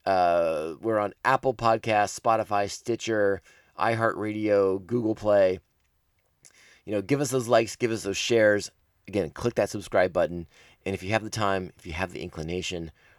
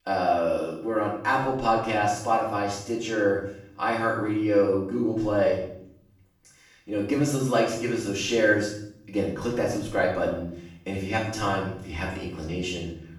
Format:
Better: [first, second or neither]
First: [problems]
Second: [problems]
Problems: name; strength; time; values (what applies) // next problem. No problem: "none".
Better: first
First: none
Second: room echo; noticeable; dies away in 0.7 s // off-mic speech; far